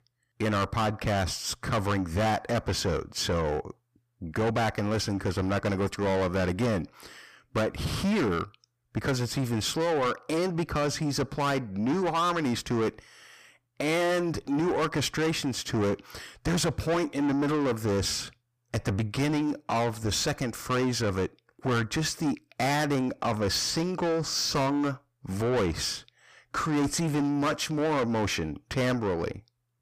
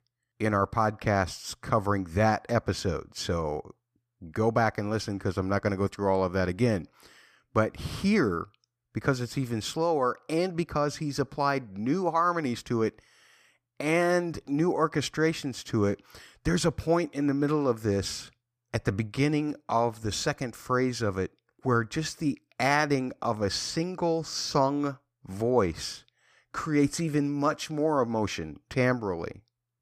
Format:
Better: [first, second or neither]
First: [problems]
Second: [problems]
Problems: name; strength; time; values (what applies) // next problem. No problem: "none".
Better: second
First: distortion; heavy; 6 dB below the speech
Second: none